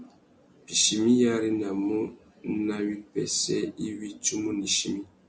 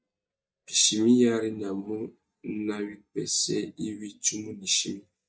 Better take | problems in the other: first | noise reduction (neural mask model DeepFilterNet 3)

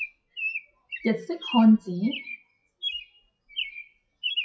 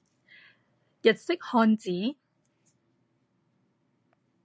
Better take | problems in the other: second | noise reduction (classical method WPE with log-MMSE)

